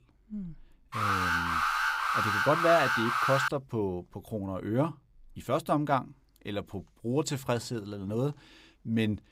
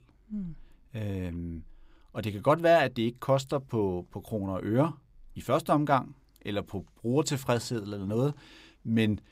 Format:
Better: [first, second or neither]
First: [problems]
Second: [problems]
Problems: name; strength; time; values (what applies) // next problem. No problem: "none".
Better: second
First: alarm; loud; from 1 to 3.5 s; peak 4 dB above the speech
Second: none